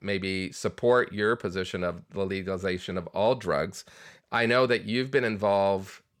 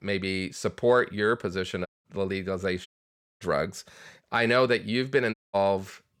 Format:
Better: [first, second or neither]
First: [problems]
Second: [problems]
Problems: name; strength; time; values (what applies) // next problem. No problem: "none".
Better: first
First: none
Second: audio cutting out; at 2 s, at 3 s for 0.5 s and at 5.5 s